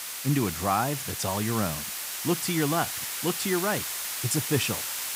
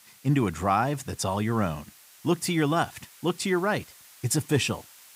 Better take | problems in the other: second | hiss; loud; throughout; 2 dB below the speech; faint in the second

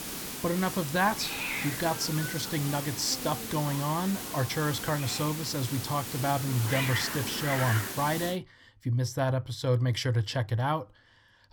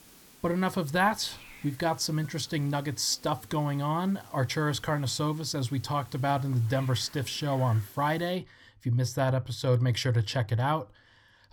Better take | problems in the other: second | hiss; loud; until 8.5 s; 4 dB below the speech; faint in the second

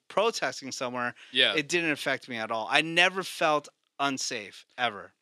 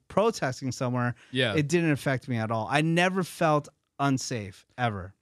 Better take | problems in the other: second | thin; somewhat; fading below 350 Hz

